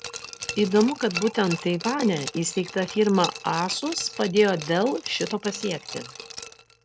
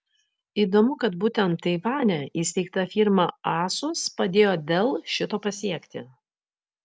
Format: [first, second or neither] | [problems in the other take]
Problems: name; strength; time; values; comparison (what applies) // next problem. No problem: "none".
second | background sound (Glass); 12 dB below the speech